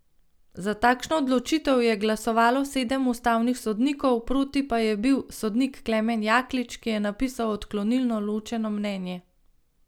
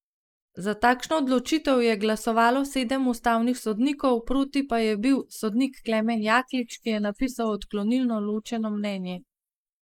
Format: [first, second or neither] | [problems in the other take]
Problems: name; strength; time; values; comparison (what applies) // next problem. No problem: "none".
first | noise reduction (neural mask model Resemble Enhance denoiser)